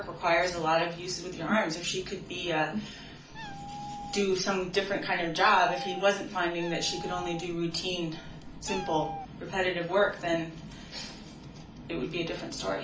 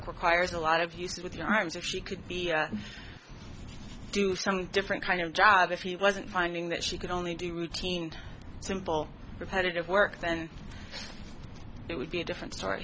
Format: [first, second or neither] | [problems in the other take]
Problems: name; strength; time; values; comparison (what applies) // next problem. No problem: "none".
second | background sound (Meow); 11 dB below the speech // room echo; dies away in 0.4 s